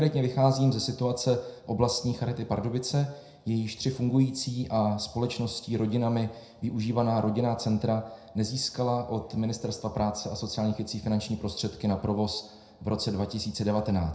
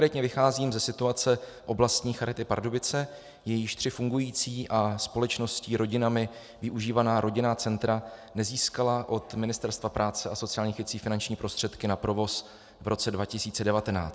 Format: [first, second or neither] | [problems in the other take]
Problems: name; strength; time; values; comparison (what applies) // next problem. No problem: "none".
second | room echo; dies away in 0.5 s